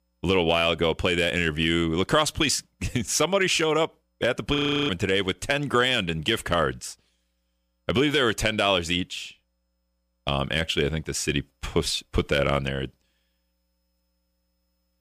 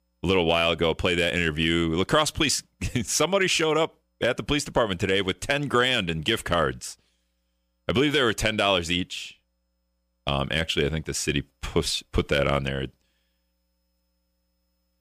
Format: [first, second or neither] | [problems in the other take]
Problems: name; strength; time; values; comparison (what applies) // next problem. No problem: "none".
second | audio freezing; at 4.5 s